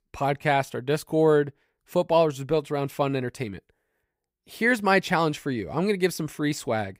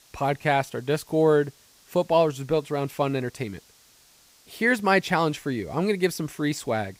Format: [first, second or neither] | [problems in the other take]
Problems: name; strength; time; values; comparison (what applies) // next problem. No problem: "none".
first | hiss; faint; throughout; 30 dB below the speech